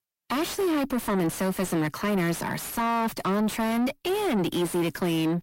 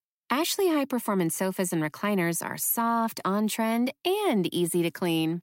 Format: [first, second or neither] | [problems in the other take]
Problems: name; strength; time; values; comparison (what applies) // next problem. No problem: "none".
second | distortion; heavy; 6 dB below the speech